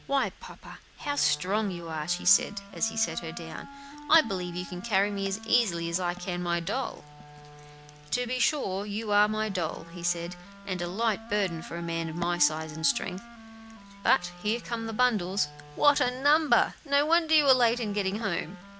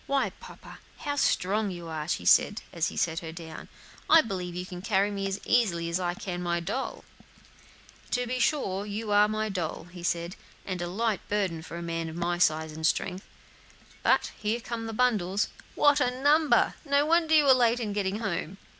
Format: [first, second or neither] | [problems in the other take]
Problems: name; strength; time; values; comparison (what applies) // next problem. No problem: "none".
second | background sound (Wind instrument, woodwind instrument); 18 dB below the speech